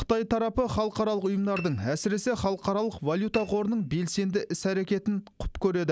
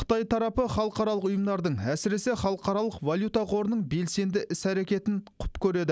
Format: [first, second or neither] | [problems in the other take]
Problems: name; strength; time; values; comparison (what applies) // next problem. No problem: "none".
second | background sound (Piano); 20 dB below the speech